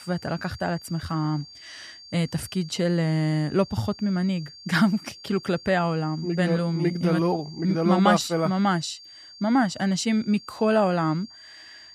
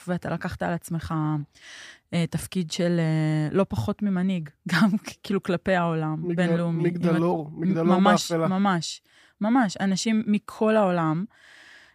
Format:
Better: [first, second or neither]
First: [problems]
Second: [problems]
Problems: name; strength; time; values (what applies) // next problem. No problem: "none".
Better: second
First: high-pitched whine; noticeable; throughout; 4.5 kHz, 20 dB below the speech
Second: none